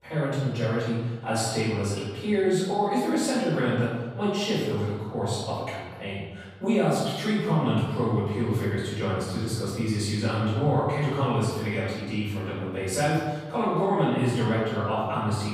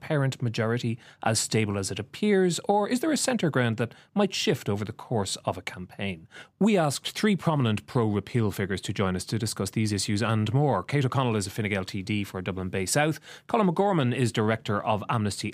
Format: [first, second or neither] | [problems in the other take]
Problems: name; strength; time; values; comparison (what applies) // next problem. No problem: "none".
second | off-mic speech; far // room echo; strong; dies away in 1.2 s